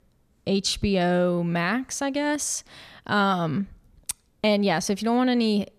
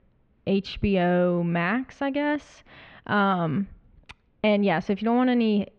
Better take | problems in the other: first | muffled; very; fading above 3 kHz

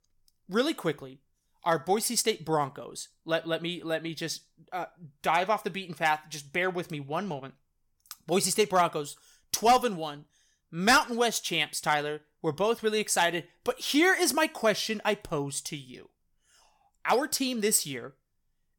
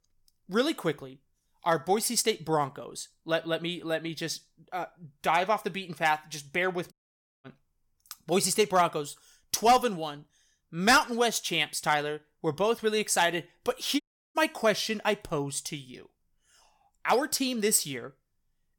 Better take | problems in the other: first | audio cutting out; at 7 s for 0.5 s and at 14 s

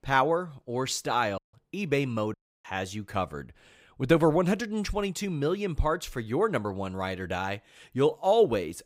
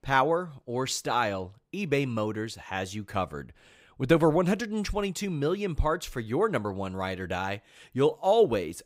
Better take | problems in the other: second | audio cutting out; at 1.5 s and at 2.5 s

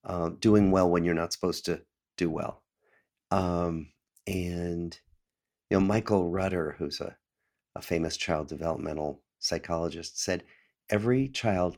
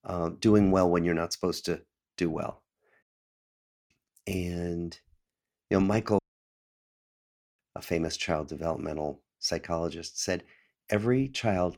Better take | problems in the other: first | audio cutting out; at 3 s for 1 s and at 6 s for 1.5 s

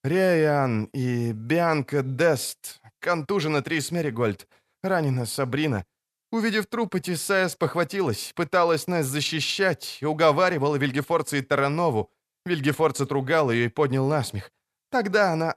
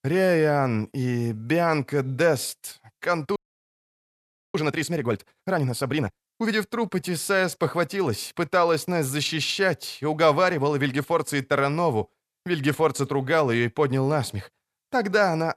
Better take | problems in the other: first | audio freezing; at 3.5 s for 1 s

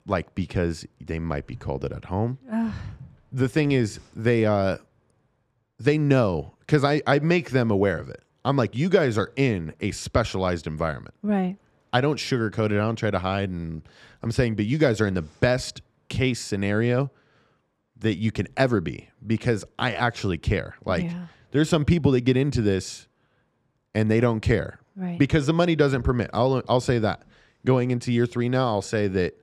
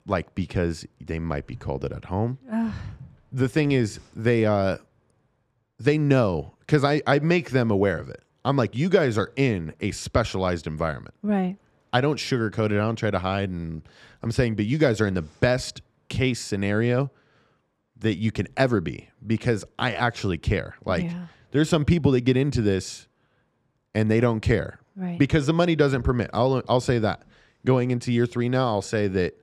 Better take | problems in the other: neither | none

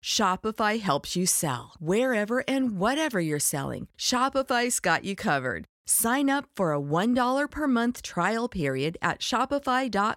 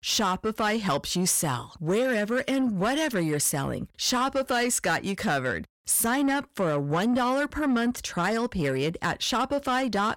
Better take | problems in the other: first | distortion; slight; 10 dB below the speech

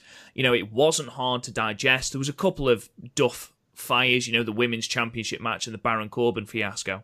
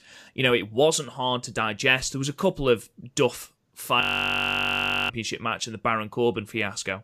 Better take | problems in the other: first | audio freezing; at 4 s for 1 s

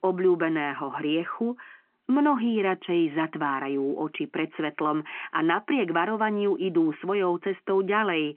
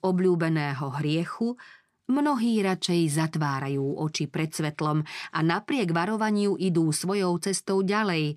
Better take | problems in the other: second | phone-call audio

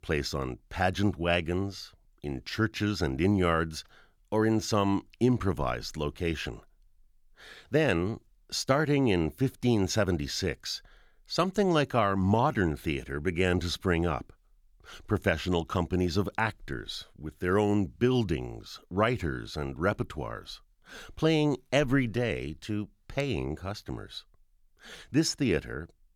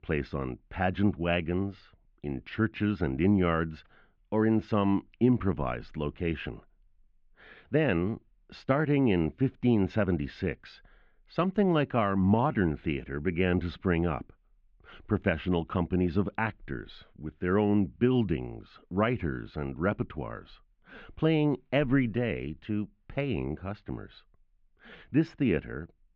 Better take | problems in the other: first | muffled; very; fading above 2.5 kHz

